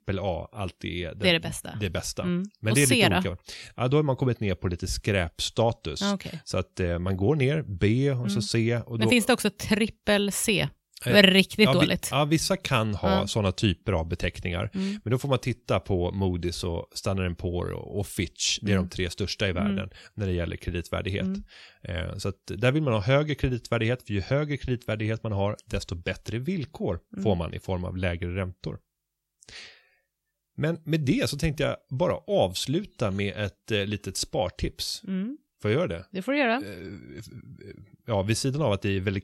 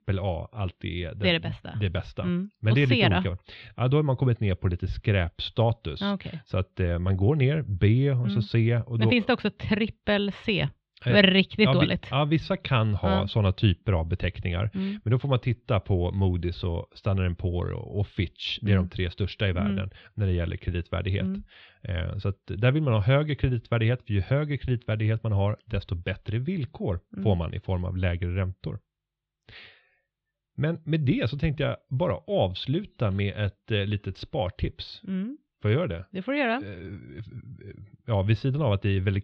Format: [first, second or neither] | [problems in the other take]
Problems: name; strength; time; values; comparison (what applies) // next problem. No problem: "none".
first | muffled; slightly; fading above 3.5 kHz